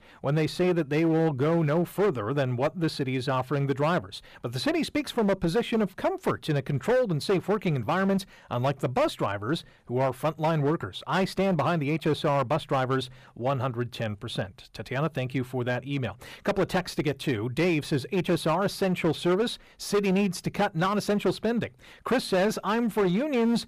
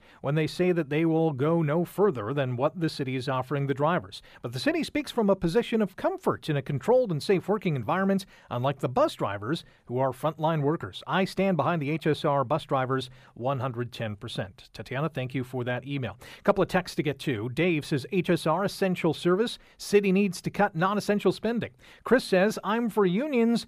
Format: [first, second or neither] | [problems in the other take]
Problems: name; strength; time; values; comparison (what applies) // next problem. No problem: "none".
second | distortion; slight; 9% of the sound clipped